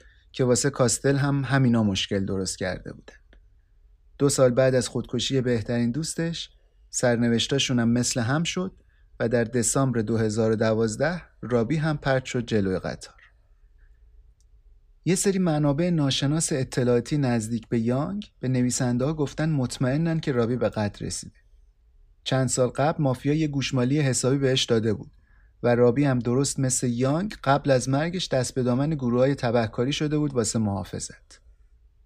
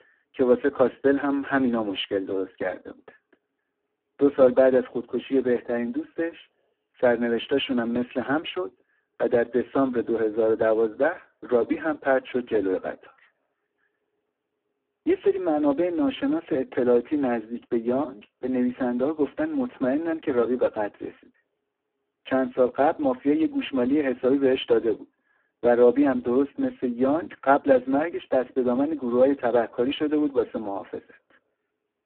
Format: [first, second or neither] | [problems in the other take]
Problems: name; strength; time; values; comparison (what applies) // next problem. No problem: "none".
first | phone-call audio; poor line